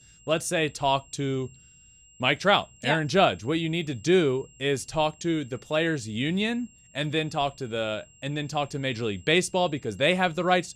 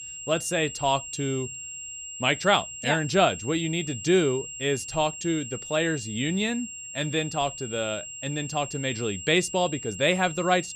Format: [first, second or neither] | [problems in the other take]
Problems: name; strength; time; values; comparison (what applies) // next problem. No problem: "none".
first | high-pitched whine; loud; throughout; 7.5 kHz, 9 dB below the speech; faint in the first